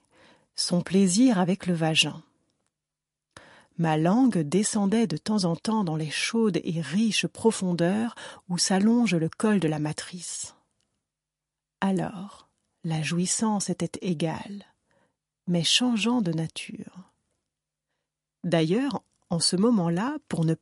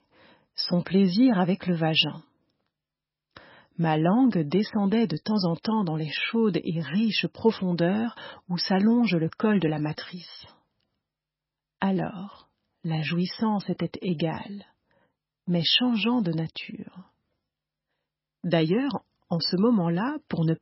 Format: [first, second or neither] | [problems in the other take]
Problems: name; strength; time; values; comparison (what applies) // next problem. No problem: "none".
first | garbled, watery; badly; nothing above 5.5 kHz; slightly in the first